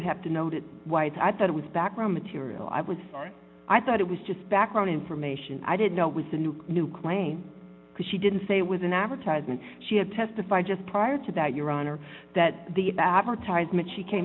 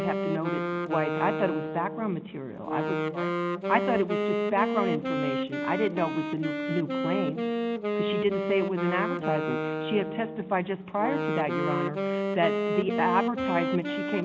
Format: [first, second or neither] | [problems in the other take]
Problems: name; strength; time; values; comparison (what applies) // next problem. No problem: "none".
first | background sound (Wind instrument, woodwind instrument); as loud as the speech